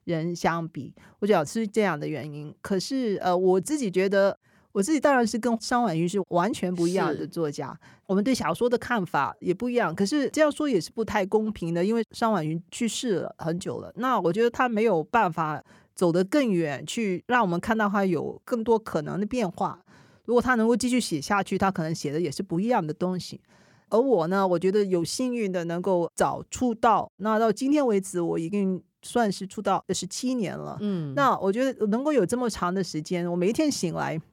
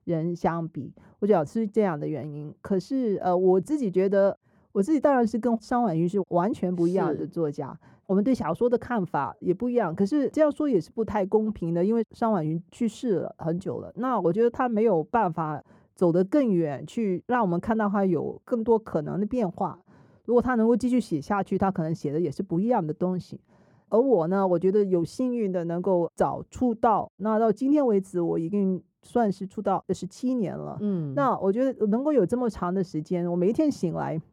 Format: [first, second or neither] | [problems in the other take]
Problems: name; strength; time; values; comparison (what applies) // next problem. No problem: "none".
first | muffled; slightly; fading above 1.5 kHz